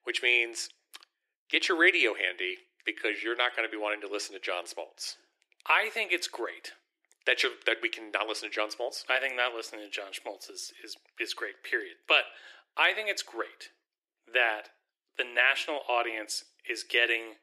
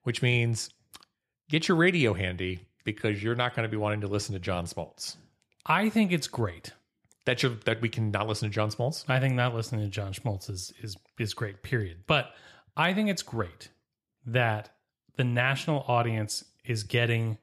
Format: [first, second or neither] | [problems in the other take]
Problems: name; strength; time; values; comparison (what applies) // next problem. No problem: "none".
second | thin; very; fading below 350 Hz